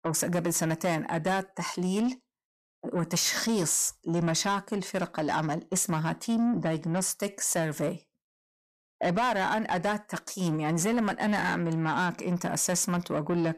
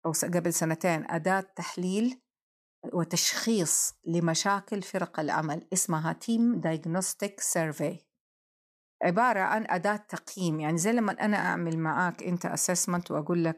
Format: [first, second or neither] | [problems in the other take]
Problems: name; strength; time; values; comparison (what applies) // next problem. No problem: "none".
second | distortion; slight; 10 dB below the speech